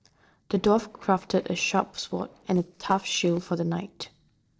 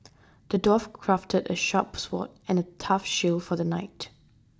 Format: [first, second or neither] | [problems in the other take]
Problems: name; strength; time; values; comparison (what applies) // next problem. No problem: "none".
second | noise reduction (neural separator model SepFormer DNS4)